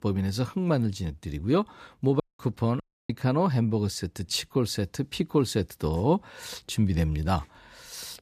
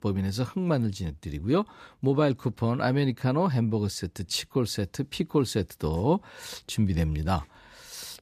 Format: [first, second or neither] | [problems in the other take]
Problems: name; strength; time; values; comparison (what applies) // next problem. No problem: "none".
second | audio cutting out; at 2 s and at 3 s